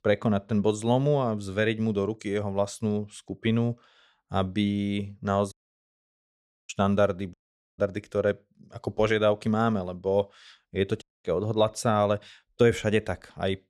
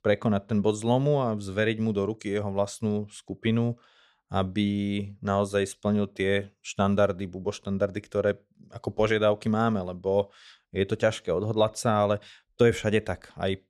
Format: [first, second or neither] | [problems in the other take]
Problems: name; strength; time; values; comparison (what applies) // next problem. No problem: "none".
second | audio cutting out; at 5.5 s for 1 s, at 7.5 s and at 11 s